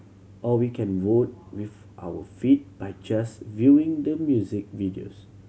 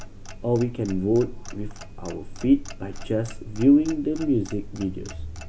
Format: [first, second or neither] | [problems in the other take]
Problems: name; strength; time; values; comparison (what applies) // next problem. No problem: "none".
first | background sound (Clock); 11 dB below the speech